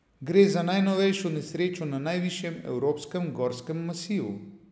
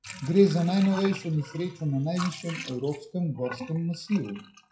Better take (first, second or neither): first